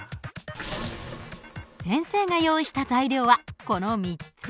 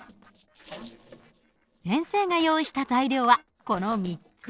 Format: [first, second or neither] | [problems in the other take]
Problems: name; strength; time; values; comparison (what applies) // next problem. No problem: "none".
first | noise reduction (neural separator model SepFormer DNS4)